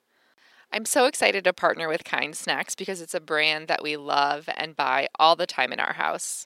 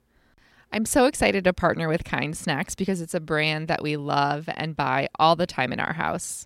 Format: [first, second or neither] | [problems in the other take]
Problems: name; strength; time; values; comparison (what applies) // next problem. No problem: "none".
second | thin; somewhat; fading below 450 Hz